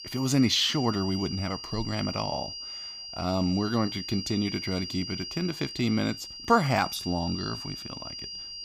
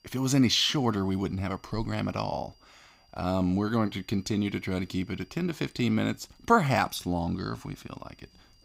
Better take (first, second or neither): second